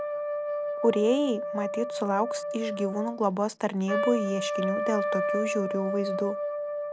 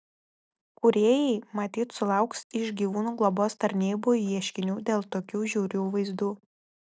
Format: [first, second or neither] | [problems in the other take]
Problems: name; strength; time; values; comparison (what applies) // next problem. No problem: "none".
second | background sound (Trumpet); 2 dB below the speech